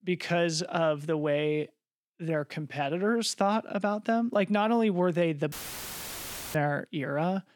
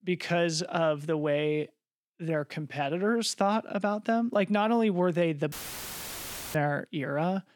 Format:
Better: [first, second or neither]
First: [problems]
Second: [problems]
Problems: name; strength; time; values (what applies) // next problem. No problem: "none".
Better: neither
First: audio cutting out; filled with static; at 5.5 s for 1 s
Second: audio cutting out; filled with static; at 5.5 s for 1 s